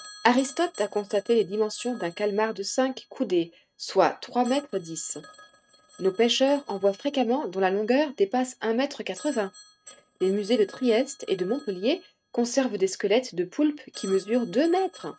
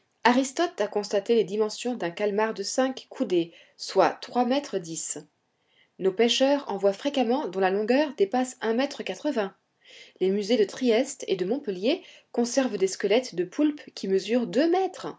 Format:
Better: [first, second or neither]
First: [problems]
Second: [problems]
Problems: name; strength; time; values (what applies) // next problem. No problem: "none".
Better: second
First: noise reduction (neural mask model RNNoise)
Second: none